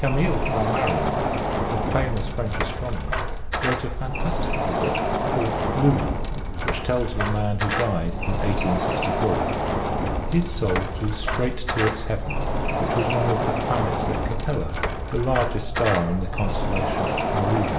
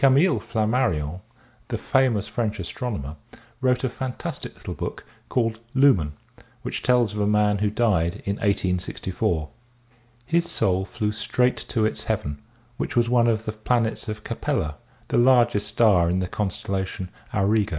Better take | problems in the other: second | background sound (Door); 2 dB above the speech // room echo; dies away in 2 s

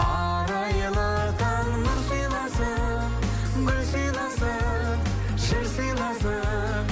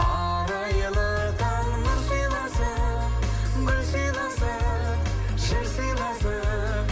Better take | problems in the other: first | room echo; dies away in 1.3 s

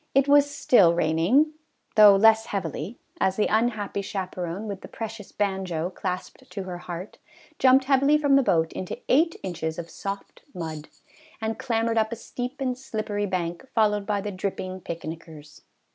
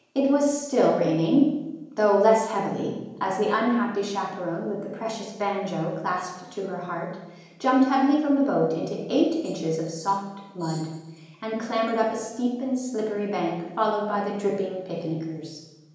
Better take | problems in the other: first | room echo; dies away in 1 s

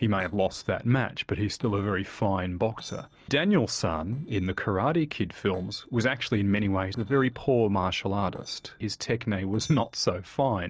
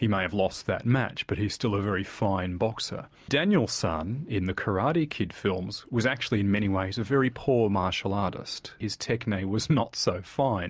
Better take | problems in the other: second | noise reduction (neural separator model SepFormer DNS4)

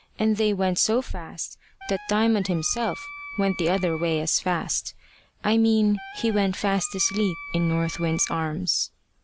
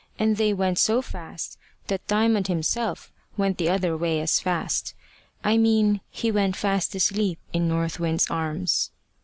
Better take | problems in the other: second | background sound (Wind instrument, woodwind instrument); 15 dB below the speech

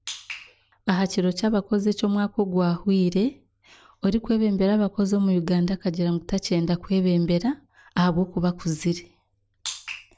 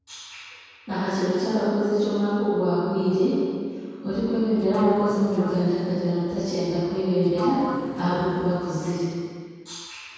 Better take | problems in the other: first | background sound (Sliding door); 11 dB below the speech // room echo; dies away in 2.2 s

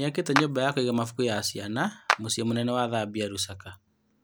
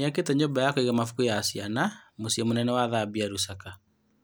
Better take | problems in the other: second | background sound (Clapping); 5 dB below the speech

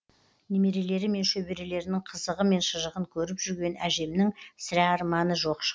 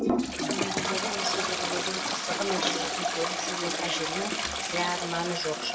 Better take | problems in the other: first | background sound (Toilet flush); 5 dB above the speech // room echo; dies away in 0.9 s

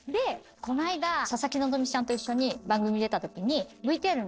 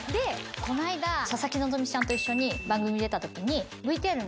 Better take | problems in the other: second | noise reduction (neural separator model SepFormer DNS4)

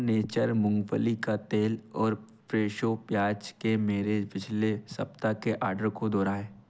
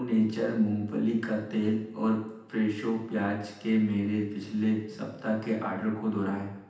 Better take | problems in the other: first | room echo; dies away in 0.9 s

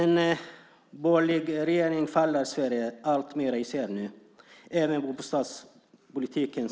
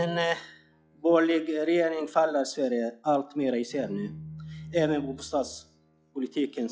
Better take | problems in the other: first | noise reduction (classical method log-MMSE)

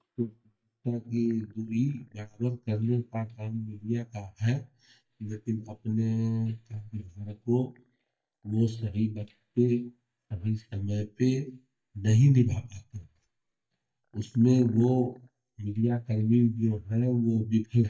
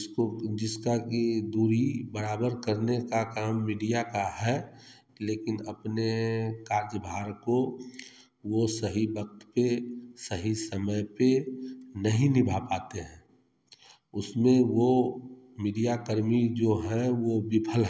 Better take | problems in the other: second | noise reduction (neural mask model DeepFilterNet 3)

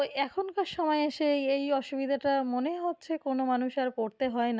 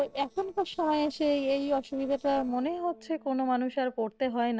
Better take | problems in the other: first | noise reduction (neural separator model SepFormer DNS4)

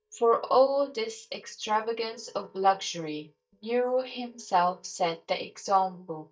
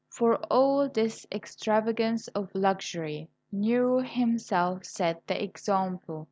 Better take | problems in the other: second | noise reduction (neural mask model DeepFilterNet 3)

